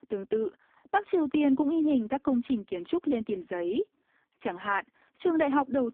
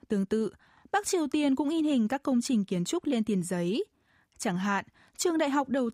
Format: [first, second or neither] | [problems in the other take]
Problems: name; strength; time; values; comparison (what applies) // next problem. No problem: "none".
second | phone-call audio; poor line